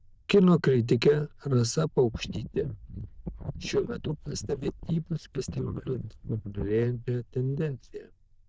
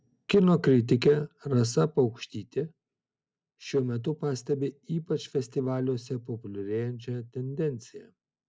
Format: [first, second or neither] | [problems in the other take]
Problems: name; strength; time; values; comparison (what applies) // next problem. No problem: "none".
second | noise reduction (neural diffusion model UNIVERSE++)